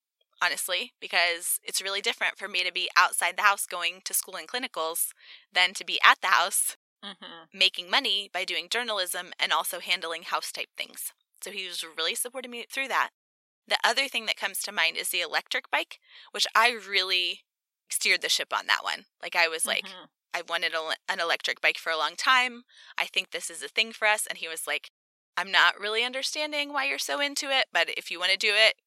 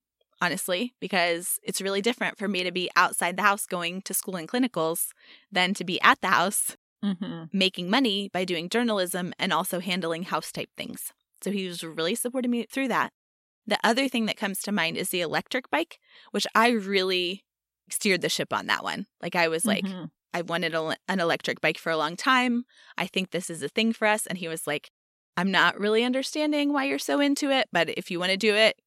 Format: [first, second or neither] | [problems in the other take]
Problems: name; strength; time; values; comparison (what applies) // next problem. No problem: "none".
second | thin; very; fading below 750 Hz